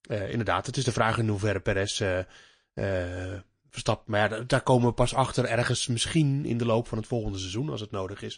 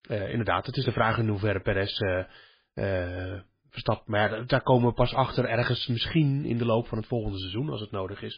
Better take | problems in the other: first | garbled, watery; badly; slightly in the first

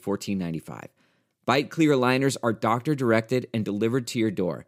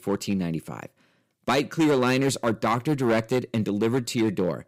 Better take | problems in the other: first | distortion; slight; 6% of the sound clipped

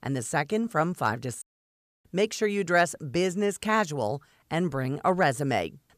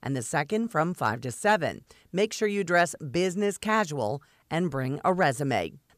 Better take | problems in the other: second | audio cutting out; at 1.5 s for 0.5 s

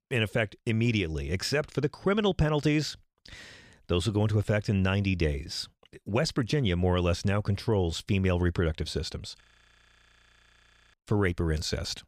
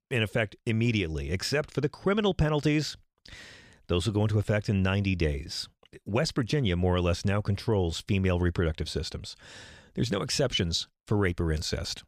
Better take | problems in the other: second | audio freezing; at 9.5 s for 1.5 s

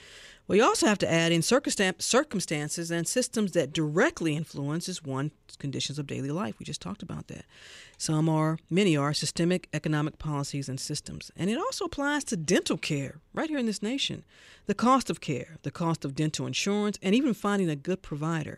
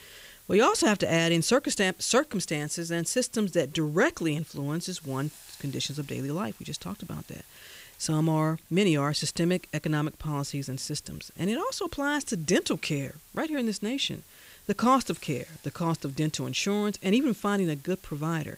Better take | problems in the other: first | hiss; faint; throughout; 25 dB below the speech

